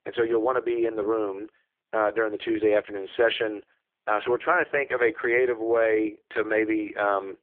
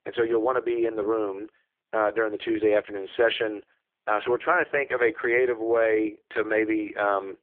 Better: neither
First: phone-call audio; poor line; nothing above 3.5 kHz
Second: phone-call audio; poor line; nothing above 3.5 kHz

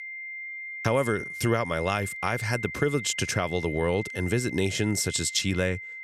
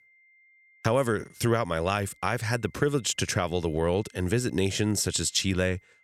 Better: second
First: high-pitched whine; loud; throughout; 2 kHz, 8 dB below the speech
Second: high-pitched whine; faint; throughout; 2 kHz, 30 dB below the speech

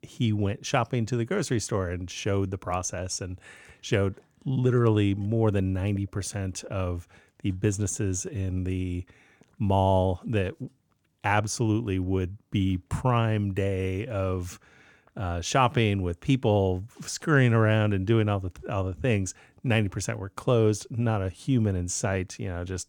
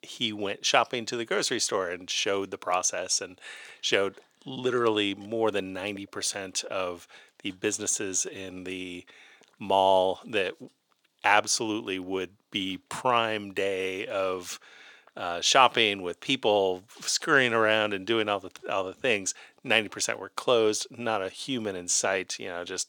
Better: first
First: none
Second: thin; very; fading below 450 Hz

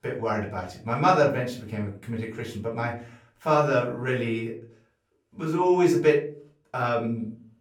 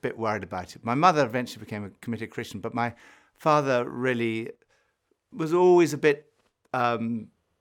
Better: second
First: off-mic speech; far // room echo; slight; dies away in 0.4 s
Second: none

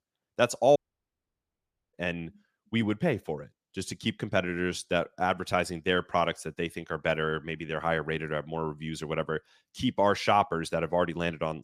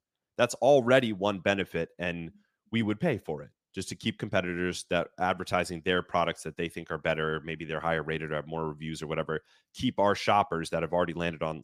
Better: second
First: audio cutting out; at 1 s for 1 s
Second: none

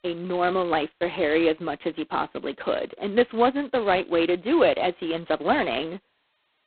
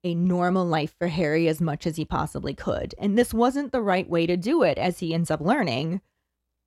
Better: second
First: phone-call audio; poor line; nothing above 4 kHz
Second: none

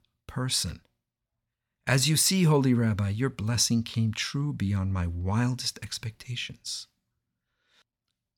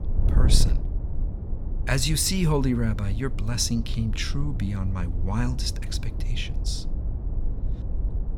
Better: first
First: none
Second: wind noise on the microphone; occasional gusts; 15 dB below the speech

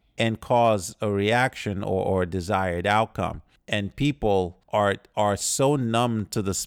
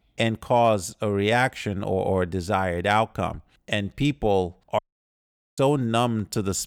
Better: first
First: none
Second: audio cutting out; at 5 s for 1 s

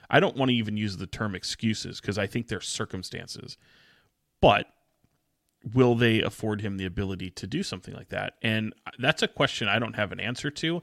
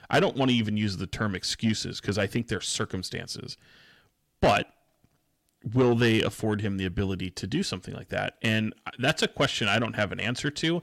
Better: first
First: none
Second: distortion; slight; 10 dB below the speech

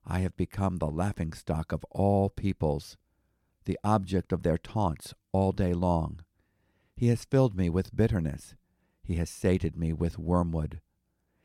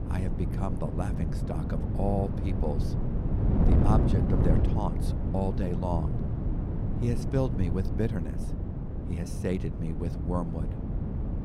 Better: first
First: none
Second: wind noise on the microphone; heavy; 3 dB below the speech

